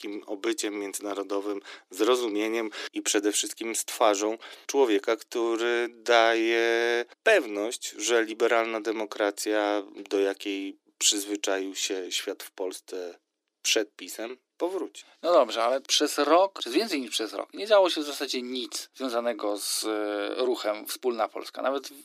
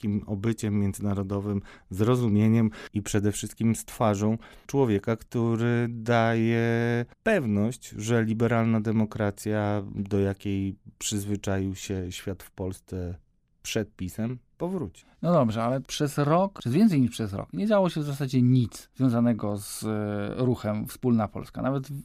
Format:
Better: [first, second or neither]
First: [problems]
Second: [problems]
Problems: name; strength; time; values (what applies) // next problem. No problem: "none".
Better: second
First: thin; very; fading below 300 Hz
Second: none